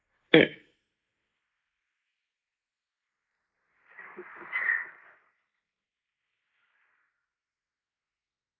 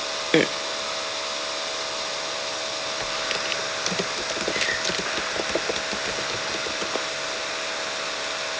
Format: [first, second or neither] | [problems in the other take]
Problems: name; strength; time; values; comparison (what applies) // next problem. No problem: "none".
second | noise reduction (neural mask model Resemble Enhance denoiser)